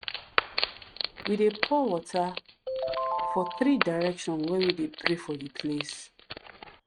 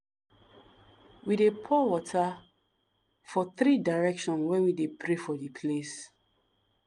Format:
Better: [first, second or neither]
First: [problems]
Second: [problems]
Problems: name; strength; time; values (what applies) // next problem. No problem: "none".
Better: second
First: noise reduction (neural mask model RNNoise)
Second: none